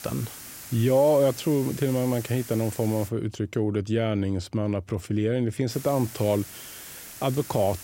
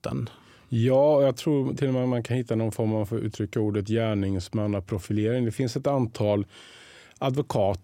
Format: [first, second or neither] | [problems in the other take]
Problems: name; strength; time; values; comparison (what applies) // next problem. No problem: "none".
second | hiss; noticeable; until 3 s and from 5.5 s on; 15 dB below the speech